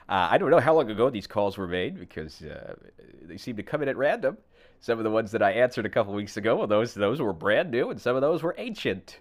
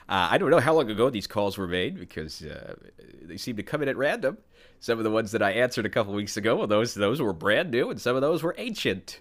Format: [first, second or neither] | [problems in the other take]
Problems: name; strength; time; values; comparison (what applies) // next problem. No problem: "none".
second | muffled; slightly; fading above 4 kHz